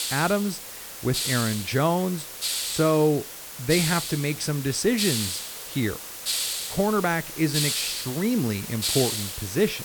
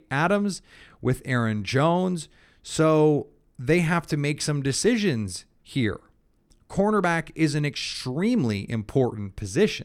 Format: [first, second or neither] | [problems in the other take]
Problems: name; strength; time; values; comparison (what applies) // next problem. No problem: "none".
second | hiss; loud; throughout; 3 dB below the speech